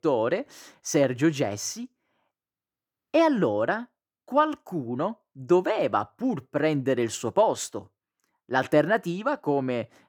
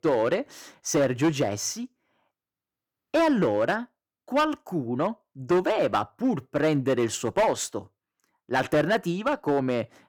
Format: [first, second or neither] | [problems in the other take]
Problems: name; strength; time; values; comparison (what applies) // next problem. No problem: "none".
first | distortion; slight; 6% of the sound clipped